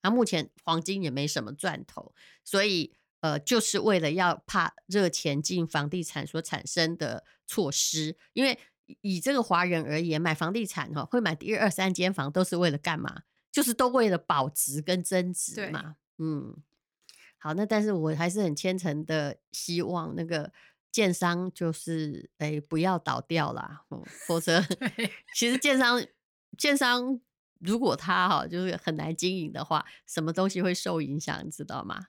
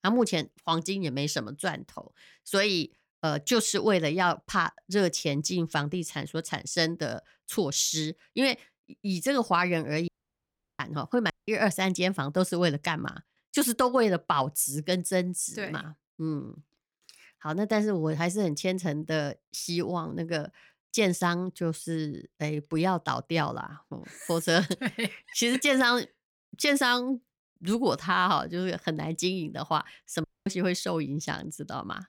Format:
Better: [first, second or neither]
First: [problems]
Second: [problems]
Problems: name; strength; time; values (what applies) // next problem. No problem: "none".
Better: first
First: none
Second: audio cutting out; at 10 s for 0.5 s, at 11 s and at 30 s